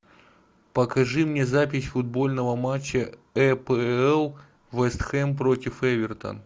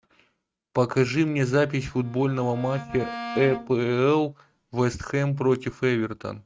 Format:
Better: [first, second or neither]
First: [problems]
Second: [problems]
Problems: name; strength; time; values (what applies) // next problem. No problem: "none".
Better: first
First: none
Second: noise reduction (neural mask model RNNoise)